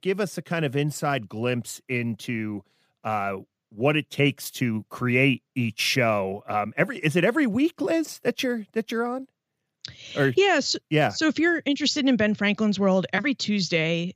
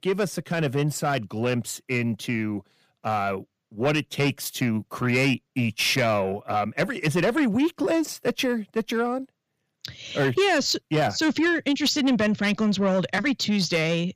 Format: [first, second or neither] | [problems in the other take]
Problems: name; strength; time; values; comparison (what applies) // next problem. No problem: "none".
first | distortion; slight; 10 dB below the speech